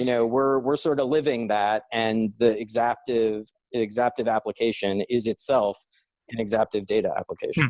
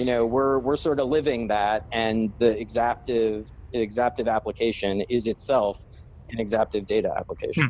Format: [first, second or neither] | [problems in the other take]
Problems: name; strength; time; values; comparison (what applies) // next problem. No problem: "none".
first | background sound (Aircraft); 20 dB below the speech